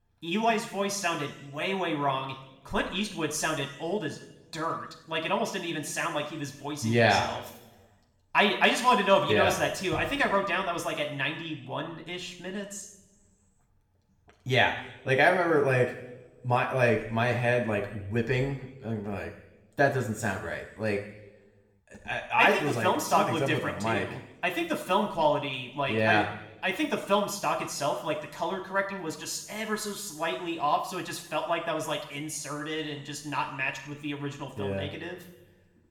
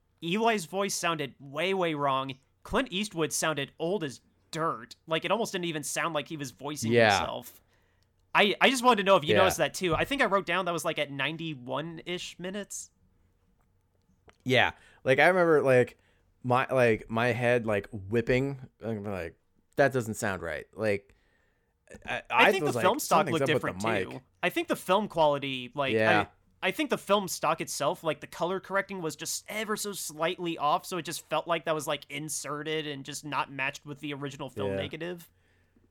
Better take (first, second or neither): second